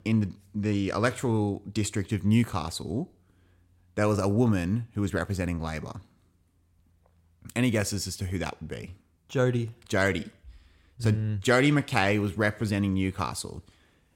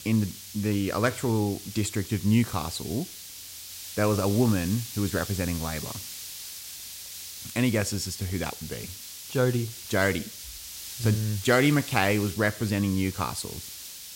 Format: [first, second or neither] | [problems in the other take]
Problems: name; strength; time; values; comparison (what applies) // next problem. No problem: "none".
first | hiss; noticeable; throughout; 10 dB below the speech